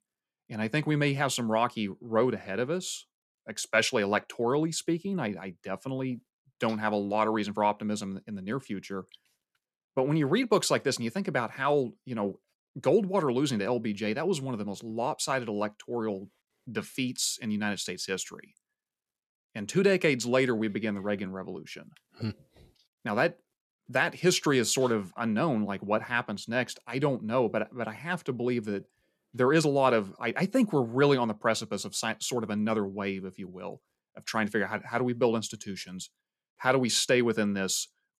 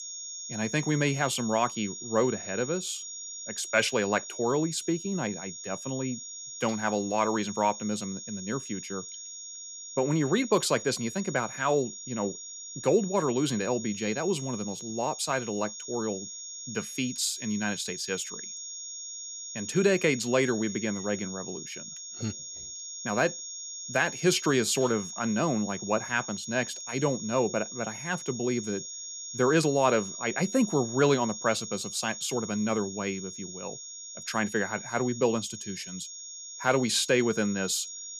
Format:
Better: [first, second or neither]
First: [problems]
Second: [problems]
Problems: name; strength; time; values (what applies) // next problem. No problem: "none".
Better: first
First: none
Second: high-pitched whine; loud; throughout; 6.5 kHz, 9 dB below the speech